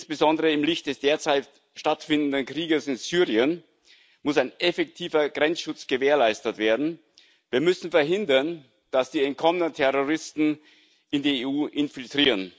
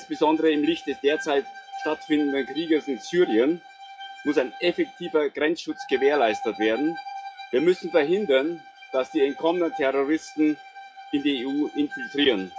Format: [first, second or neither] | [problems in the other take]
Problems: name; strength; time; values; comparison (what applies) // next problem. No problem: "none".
first | noise reduction (classical method WPE with log-MMSE)